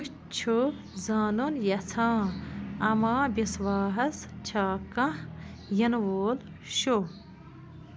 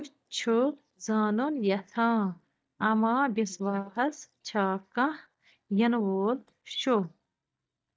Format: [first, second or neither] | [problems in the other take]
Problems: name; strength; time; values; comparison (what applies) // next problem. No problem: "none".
first | noise reduction (neural mask model DeepFilterNet 3)